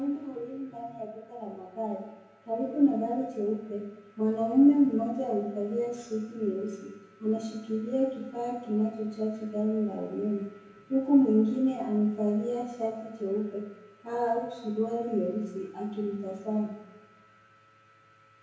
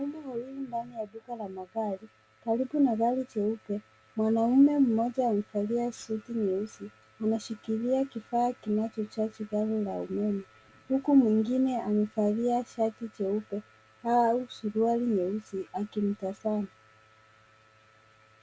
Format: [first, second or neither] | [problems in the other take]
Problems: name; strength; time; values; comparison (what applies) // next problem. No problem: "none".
second | room echo; dies away in 0.9 s